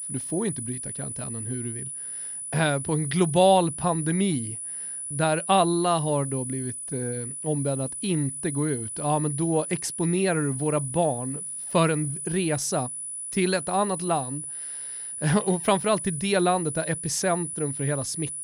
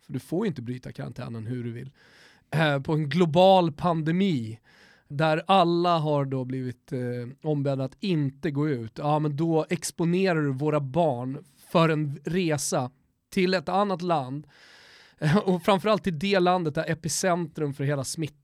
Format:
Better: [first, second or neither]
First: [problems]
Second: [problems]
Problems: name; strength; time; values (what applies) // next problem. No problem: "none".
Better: second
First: high-pitched whine; loud; throughout; 10 kHz, 6 dB below the speech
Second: none